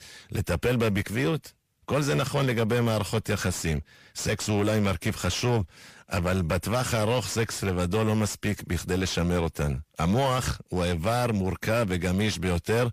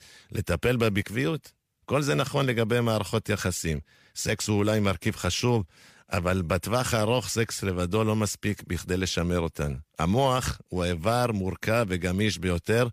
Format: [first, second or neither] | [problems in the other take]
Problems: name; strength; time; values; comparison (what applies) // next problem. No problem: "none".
second | distortion; slight; 10 dB below the speech